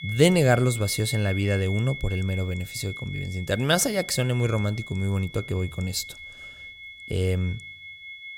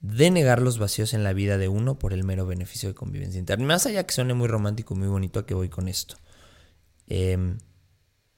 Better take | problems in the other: second | high-pitched whine; noticeable; throughout; 2 kHz, 10 dB below the speech

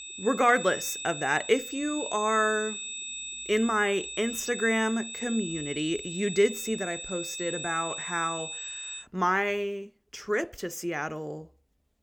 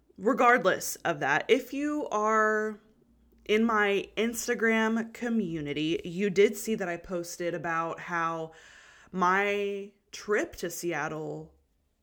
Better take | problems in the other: second | high-pitched whine; loud; until 9 s; 3.5 kHz, 7 dB below the speech

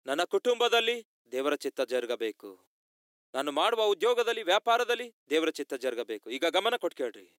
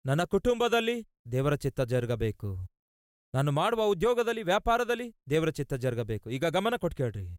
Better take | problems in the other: second | thin; somewhat; fading below 300 Hz

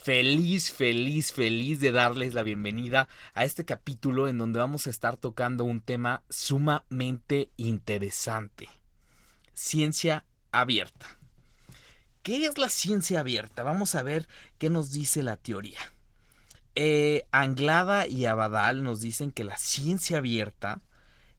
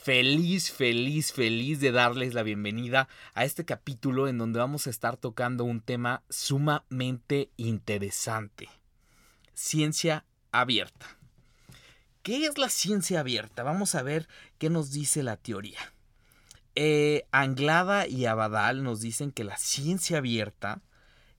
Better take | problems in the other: second | garbled, watery; slightly; nothing above 19 kHz

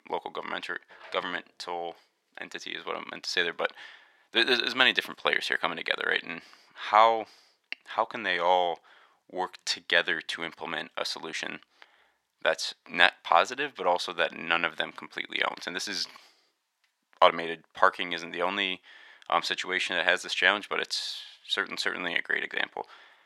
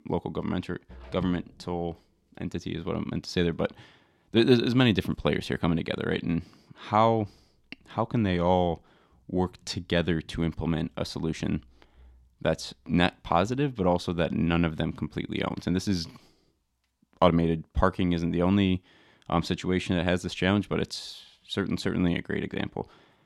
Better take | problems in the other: second | thin; very; fading below 750 Hz

